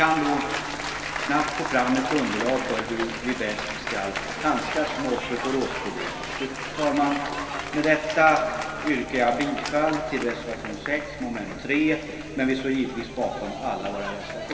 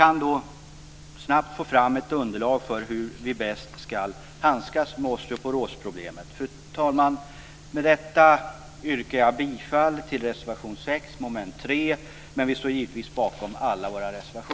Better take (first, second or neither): second